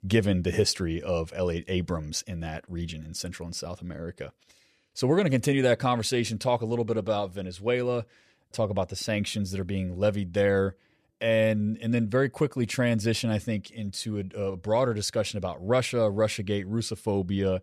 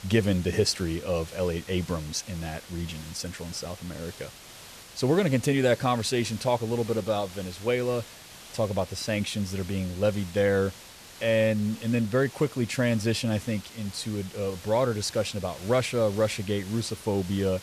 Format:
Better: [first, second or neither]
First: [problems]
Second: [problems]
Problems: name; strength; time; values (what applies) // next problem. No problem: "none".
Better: first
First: none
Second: hiss; noticeable; throughout; 15 dB below the speech